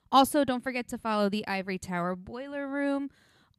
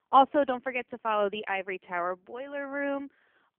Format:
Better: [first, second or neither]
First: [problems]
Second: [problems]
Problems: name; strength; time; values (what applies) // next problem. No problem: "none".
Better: first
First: none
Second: phone-call audio; poor line; nothing above 3 kHz